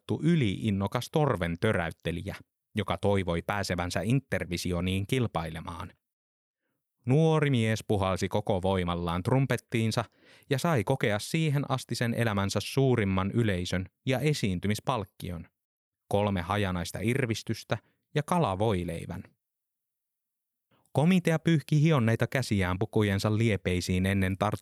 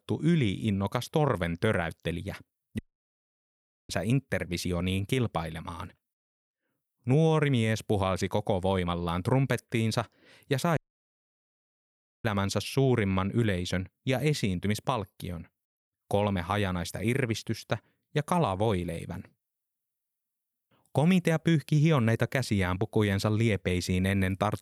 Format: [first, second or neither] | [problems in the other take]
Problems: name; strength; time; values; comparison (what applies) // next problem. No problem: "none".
first | audio cutting out; at 3 s for 1 s and at 11 s for 1.5 s